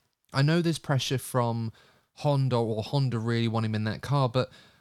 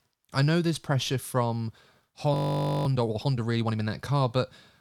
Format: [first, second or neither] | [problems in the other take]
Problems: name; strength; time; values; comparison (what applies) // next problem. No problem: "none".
first | audio freezing; at 2.5 s for 0.5 s